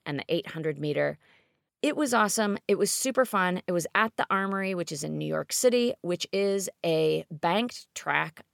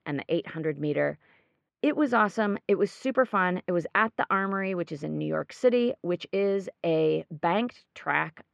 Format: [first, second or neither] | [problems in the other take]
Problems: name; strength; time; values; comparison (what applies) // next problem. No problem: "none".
first | muffled; very; fading above 2 kHz